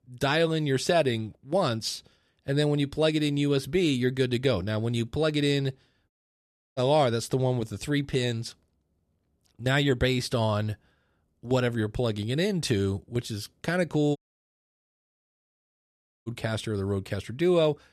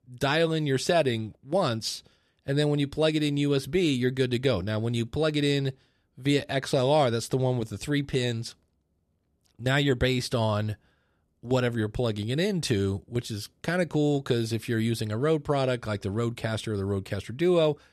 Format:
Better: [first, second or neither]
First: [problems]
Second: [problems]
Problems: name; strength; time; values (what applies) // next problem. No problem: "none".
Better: second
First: audio cutting out; at 6 s for 0.5 s and at 14 s for 2 s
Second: none